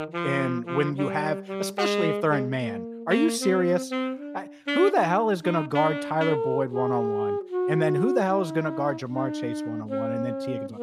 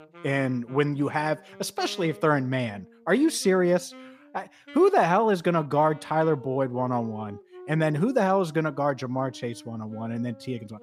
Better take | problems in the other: second | background music; loud; throughout; 3 dB below the speech; faint in the second

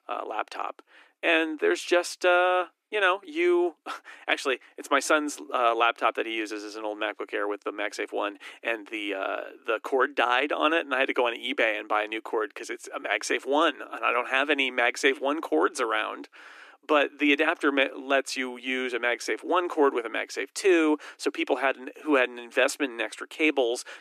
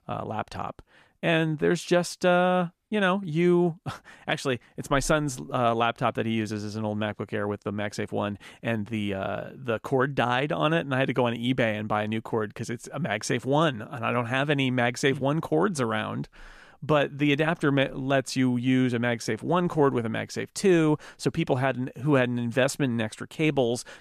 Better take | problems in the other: second | thin; somewhat; fading below 300 Hz

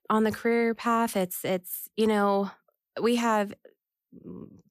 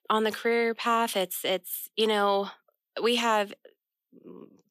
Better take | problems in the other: first | thin; very slightly; fading below 300 Hz

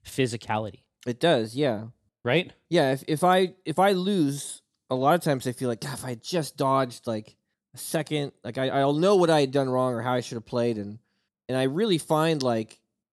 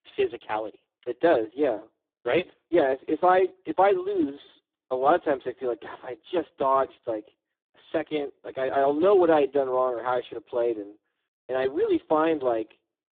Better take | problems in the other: first | phone-call audio; poor line; nothing above 3.5 kHz

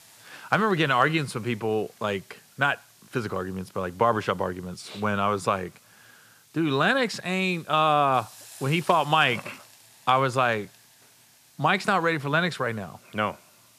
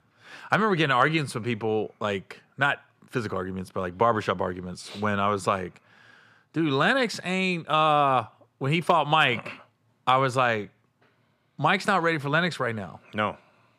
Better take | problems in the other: second | hiss; faint; throughout; 25 dB below the speech

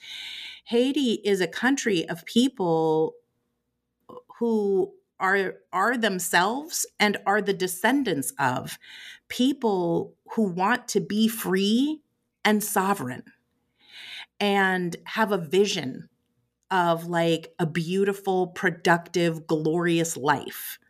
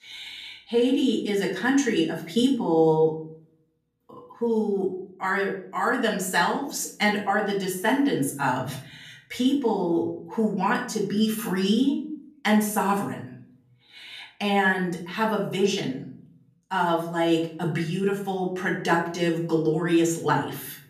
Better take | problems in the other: first | off-mic speech; far // room echo; slight; dies away in 0.6 s

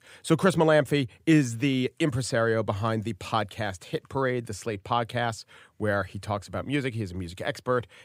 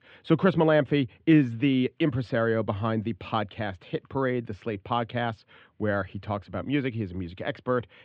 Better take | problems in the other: first | muffled; slightly; fading above 3 kHz

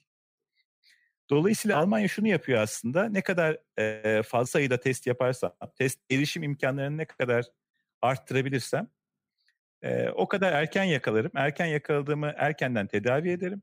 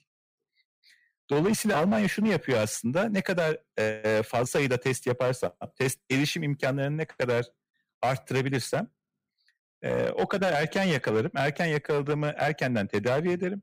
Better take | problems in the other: first | distortion; slight; 8% of the sound clipped

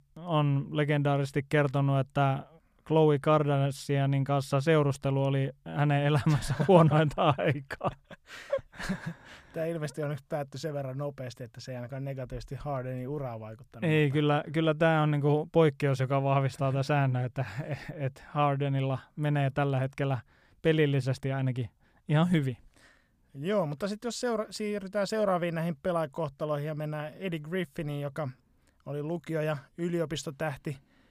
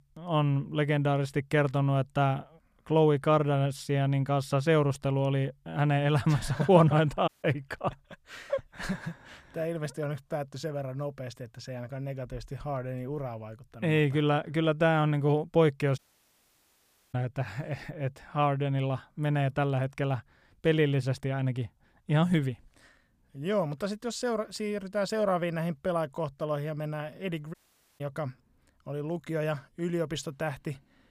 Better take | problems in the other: first | audio cutting out; at 7.5 s, at 16 s for 1 s and at 28 s

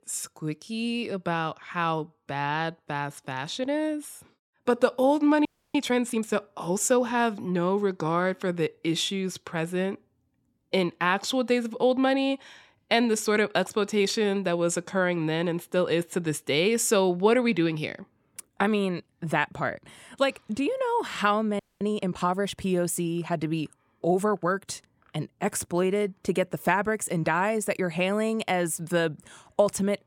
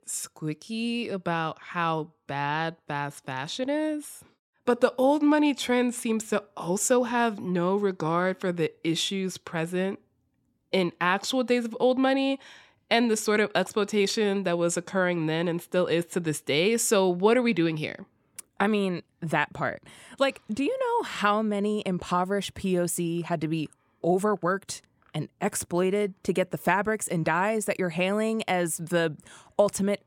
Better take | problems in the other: second | audio freezing; at 5.5 s and at 22 s

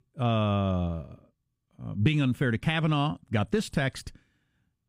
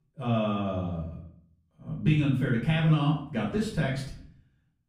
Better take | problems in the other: first | off-mic speech; far // room echo; slight; dies away in 0.5 s

